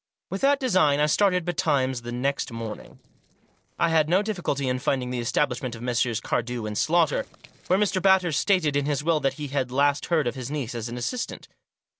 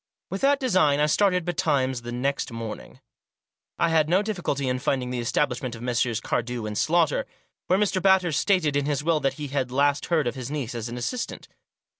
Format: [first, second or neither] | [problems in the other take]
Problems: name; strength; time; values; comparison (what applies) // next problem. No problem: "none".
second | noise reduction (neural separator model SepFormer DNS4)